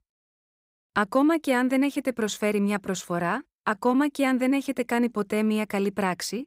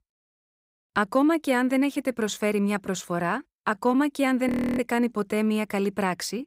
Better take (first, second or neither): first